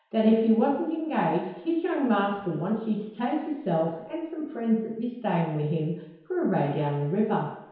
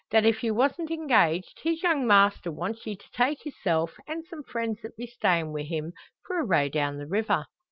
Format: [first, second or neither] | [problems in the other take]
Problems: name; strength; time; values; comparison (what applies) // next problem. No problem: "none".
second | room echo; dies away in 1 s